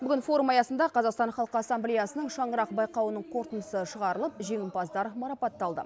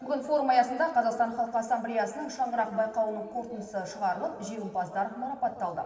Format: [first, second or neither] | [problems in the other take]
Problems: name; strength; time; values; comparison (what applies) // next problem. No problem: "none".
first | room echo; dies away in 2.1 s